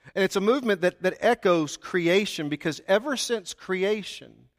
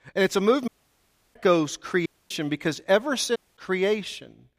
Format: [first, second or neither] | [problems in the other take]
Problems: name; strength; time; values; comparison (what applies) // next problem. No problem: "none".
first | audio cutting out; at 0.5 s for 0.5 s, at 2 s and at 3.5 s